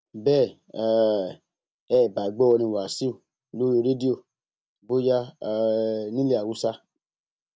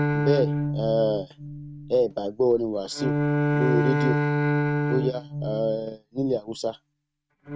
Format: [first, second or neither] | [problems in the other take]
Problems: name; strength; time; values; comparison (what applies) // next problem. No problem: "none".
first | noise reduction (neural mask model RNNoise)